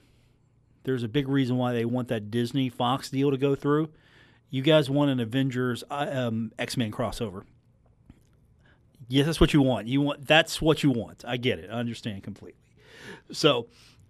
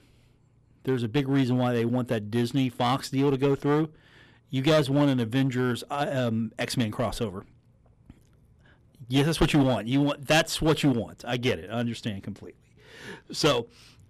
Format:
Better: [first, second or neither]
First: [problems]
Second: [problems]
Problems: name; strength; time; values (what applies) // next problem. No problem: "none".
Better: first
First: none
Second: distortion; slight; 5% of the sound clipped